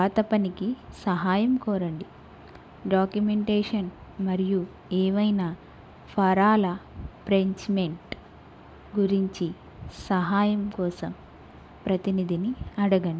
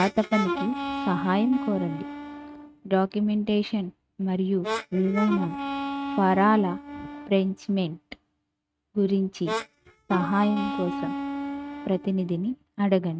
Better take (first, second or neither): first